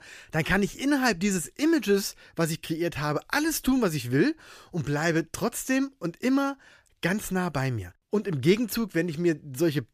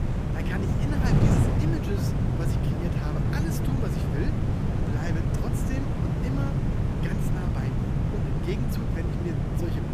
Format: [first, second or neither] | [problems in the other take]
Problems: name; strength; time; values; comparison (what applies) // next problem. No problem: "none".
first | wind noise on the microphone; heavy; 4 dB above the speech